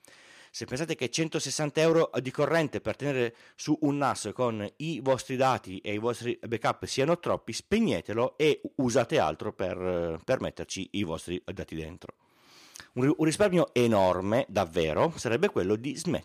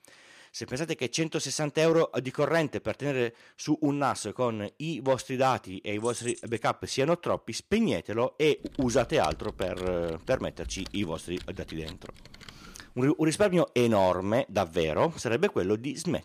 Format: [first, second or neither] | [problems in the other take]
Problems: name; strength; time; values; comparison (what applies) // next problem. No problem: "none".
first | jangling keys; noticeable; at 6 s; peak 10 dB below the speech // keyboard typing; faint; from 8.5 to 13 s; peak 10 dB below the speech